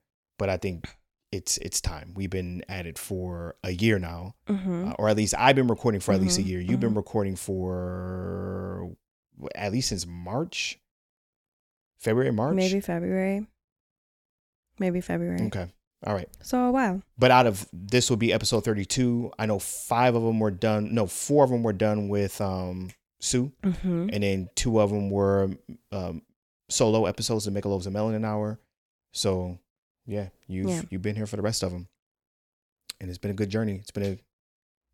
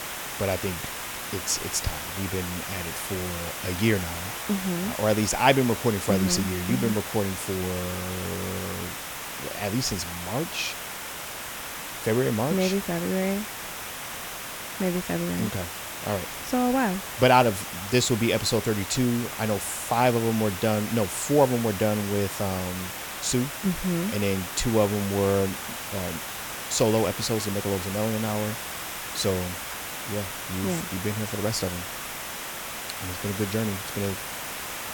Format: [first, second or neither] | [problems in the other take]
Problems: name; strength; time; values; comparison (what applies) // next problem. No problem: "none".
first | hiss; loud; throughout; 6 dB below the speech